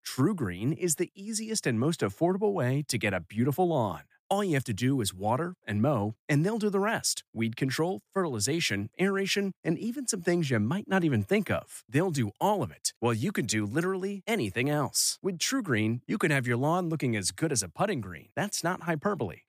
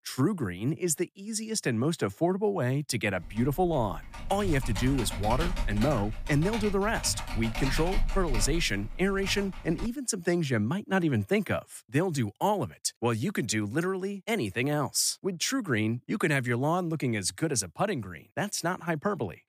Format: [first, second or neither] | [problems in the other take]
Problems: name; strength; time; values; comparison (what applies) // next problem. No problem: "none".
first | keyboard typing; noticeable; from 3.5 to 10 s; peak 4 dB below the speech